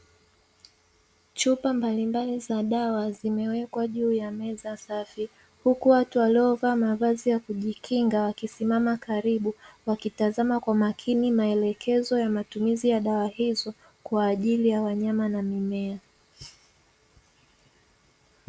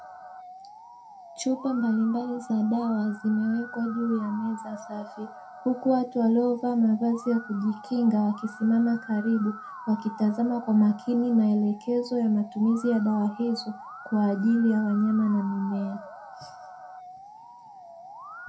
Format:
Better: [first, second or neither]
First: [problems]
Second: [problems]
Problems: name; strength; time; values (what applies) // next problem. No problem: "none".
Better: first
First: none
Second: background sound (Musical instrument); 17 dB below the speech // room echo; dies away in 0.2 s